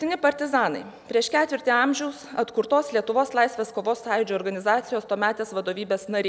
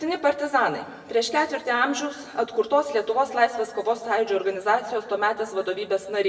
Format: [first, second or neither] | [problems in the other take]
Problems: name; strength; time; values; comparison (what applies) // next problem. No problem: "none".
first | room echo; dies away in 0.9 s